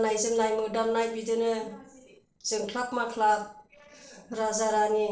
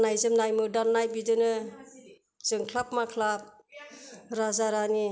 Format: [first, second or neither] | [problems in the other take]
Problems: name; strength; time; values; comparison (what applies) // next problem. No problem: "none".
second | noise reduction (neural separator model SepFormer DNS4)